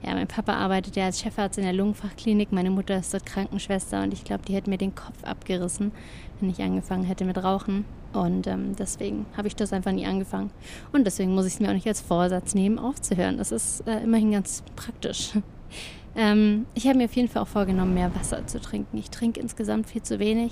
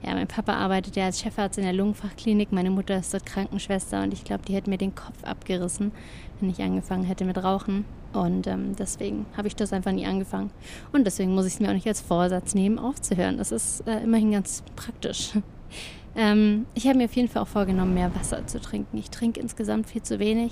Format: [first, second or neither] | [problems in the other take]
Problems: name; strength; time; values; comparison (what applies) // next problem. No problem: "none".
neither | wind noise on the microphone; occasional gusts; 20 dB below the speech; the same in both